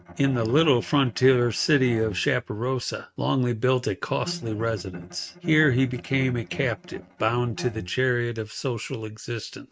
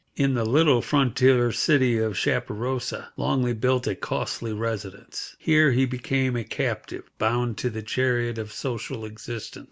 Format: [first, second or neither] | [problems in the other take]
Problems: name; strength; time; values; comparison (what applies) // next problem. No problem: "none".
second | noise reduction (neural mask model RNNoise)